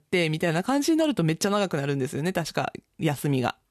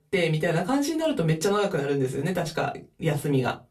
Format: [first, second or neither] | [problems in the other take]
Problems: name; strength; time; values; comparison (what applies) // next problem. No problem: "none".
first | off-mic speech; far // room echo; very slight; dies away in 0.2 s